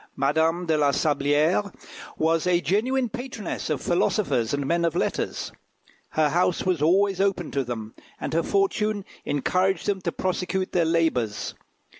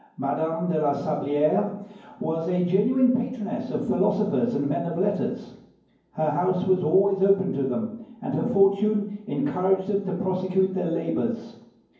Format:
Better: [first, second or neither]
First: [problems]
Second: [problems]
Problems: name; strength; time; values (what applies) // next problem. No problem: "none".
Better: first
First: none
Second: room echo; dies away in 0.9 s